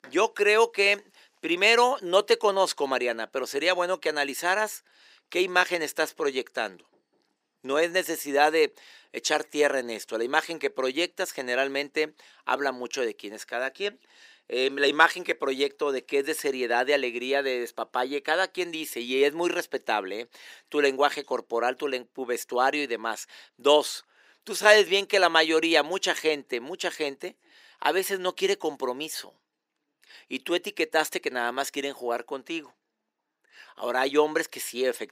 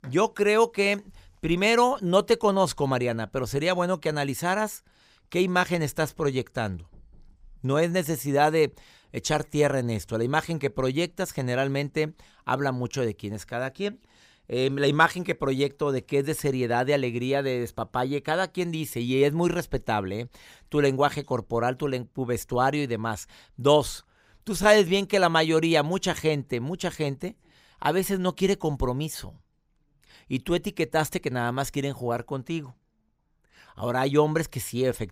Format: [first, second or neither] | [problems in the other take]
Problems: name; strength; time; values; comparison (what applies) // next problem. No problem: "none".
second | thin; somewhat; fading below 300 Hz